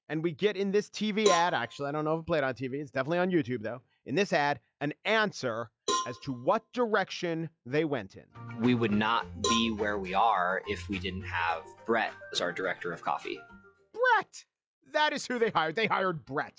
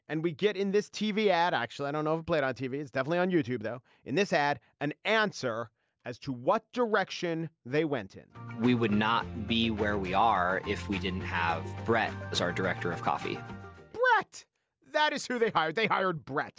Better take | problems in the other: second | noise reduction (classical method log-MMSE)

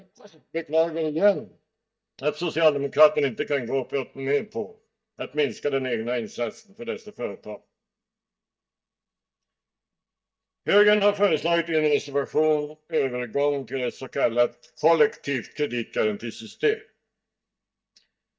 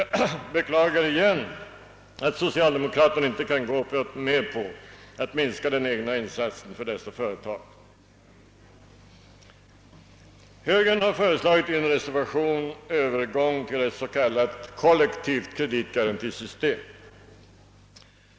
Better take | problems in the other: second | noise reduction (neural mask model DeepFilterNet 3)

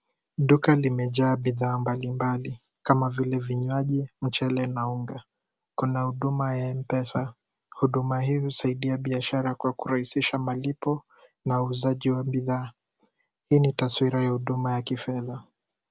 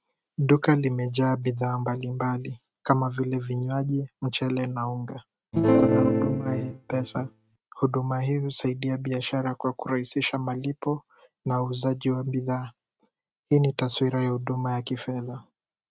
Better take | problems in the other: first | noise reduction (neural mask model RNNoise)

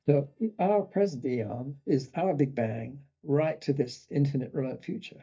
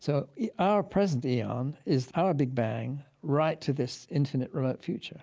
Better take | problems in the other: second | noise reduction (neural mask model DeepFilterNet 3)

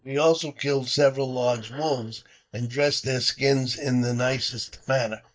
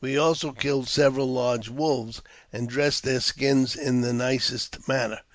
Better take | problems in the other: second | noise reduction (neural mask model DeepFilterNet 3)

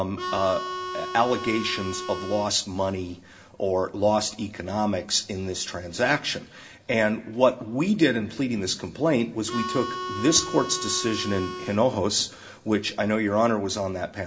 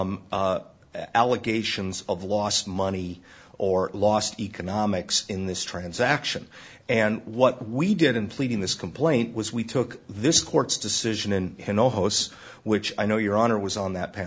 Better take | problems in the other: second | background sound (Harmonica); 7 dB below the speech // room echo; dies away in 1 s

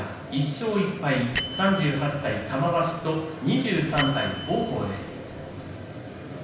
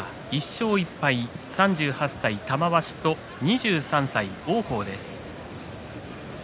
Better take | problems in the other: second | background sound (Bell); 11 dB below the speech // room echo; dies away in 0.9 s

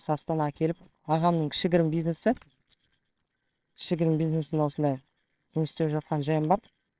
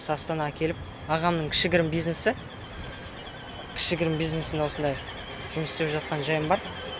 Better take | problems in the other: second | noise reduction (neural separator model SepFormer WHAMR!)

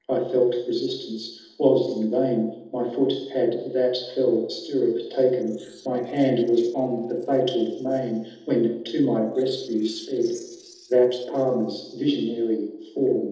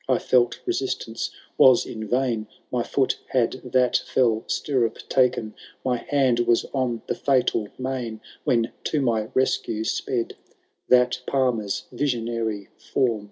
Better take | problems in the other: second | noise reduction (neural separator model SepFormer DNS4)

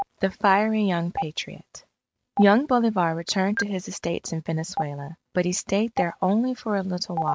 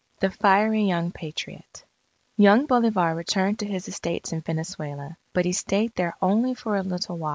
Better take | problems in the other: second | noise reduction (neural mask model RNNoise)

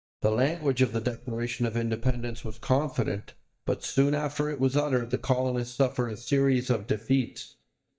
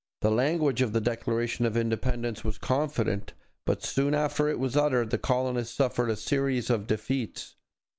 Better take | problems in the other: second | noise reduction (neural mask model DeepFilterNet 3)

